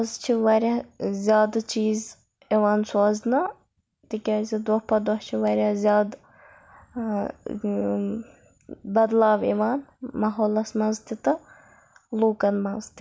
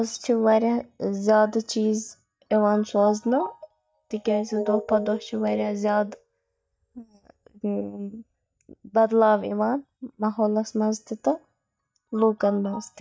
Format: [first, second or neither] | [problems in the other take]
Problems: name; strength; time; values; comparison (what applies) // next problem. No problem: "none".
first | noise reduction (neural mask model DeepFilterNet 3)